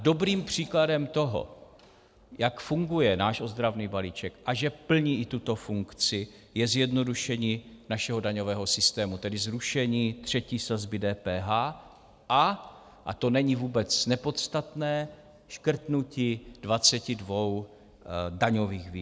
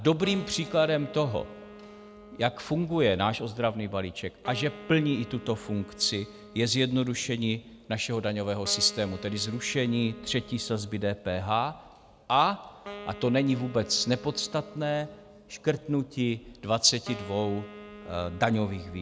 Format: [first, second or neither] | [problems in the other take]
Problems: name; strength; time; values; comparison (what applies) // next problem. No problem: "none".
first | background sound (Wind instrument, woodwind instrument); 18 dB below the speech